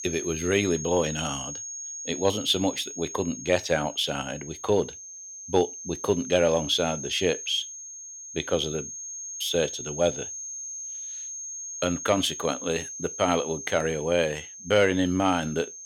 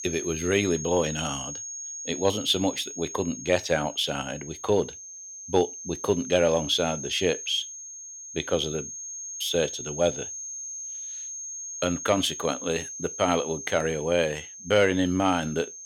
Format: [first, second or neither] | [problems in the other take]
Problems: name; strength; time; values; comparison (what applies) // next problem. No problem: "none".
neither | high-pitched whine; loud; throughout; 6.5 kHz, 9 dB below the speech; the same in both